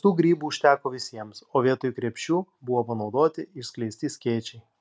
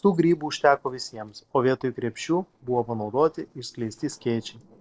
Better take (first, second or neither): first